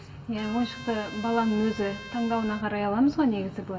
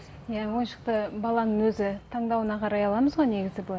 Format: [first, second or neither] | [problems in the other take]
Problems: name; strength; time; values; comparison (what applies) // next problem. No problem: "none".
second | background sound (Trumpet); 16 dB below the speech // room echo; dies away in 1.3 s